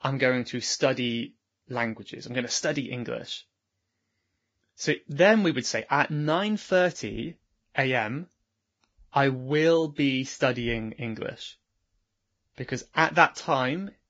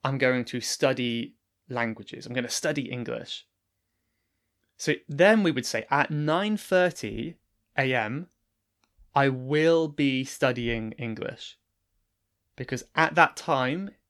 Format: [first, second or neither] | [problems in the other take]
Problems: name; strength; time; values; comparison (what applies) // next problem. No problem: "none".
second | garbled, watery; badly